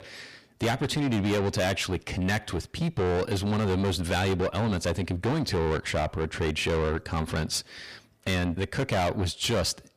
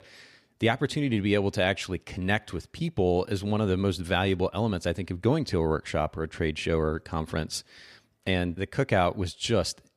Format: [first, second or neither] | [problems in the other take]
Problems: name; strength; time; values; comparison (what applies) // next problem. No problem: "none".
second | distortion; heavy; 6 dB below the speech